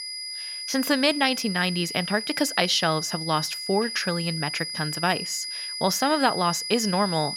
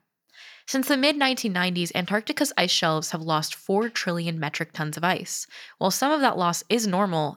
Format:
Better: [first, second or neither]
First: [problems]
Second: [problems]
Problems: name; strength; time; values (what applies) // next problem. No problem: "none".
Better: second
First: high-pitched whine; loud; throughout; 5 kHz, 6 dB below the speech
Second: none